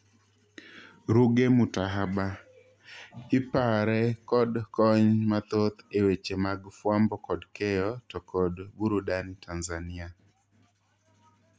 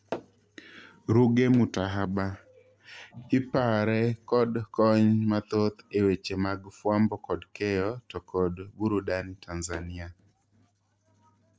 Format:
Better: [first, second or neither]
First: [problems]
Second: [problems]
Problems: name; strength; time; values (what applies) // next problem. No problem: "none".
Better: first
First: none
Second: noise reduction (neural separator model SepFormer DNS4)